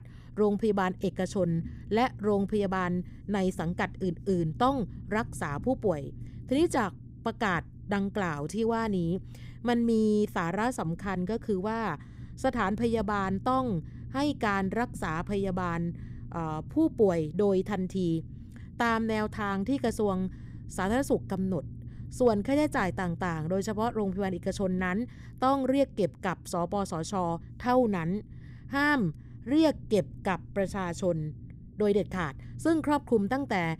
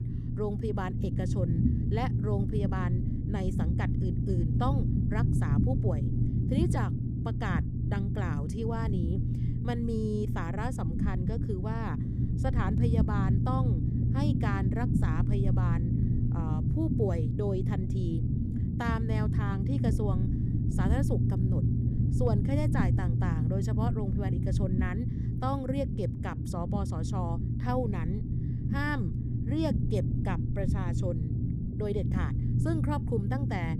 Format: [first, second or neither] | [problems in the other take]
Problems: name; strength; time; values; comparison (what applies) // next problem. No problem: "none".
first | low rumble; loud; throughout; 3 dB below the speech; faint in the first